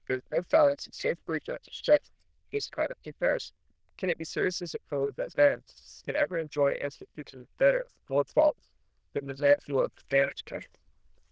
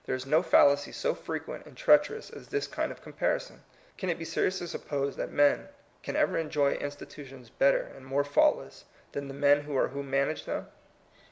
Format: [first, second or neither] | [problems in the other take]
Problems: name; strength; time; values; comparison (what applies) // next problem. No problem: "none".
second | noise reduction (neural diffusion model UNIVERSE++)